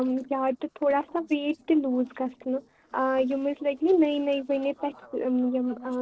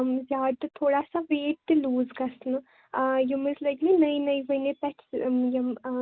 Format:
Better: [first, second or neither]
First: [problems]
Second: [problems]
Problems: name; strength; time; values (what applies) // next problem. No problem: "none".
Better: second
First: noise reduction (neural separator model SepFormer DNS4)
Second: none